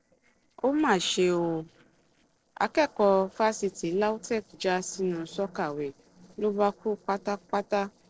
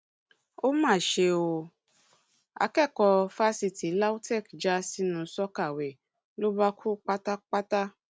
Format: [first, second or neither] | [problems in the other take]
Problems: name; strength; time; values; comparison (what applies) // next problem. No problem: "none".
second | noise reduction (neural separator model SepFormer DNS4)